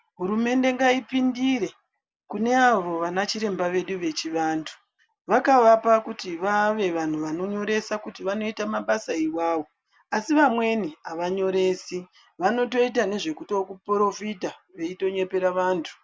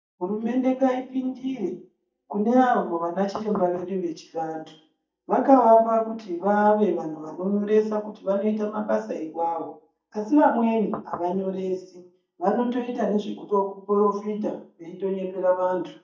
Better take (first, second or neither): first